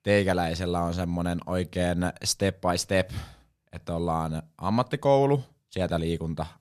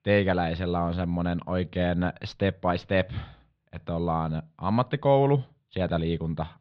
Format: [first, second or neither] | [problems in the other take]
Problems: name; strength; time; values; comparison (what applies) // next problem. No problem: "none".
first | muffled; very; fading above 3.5 kHz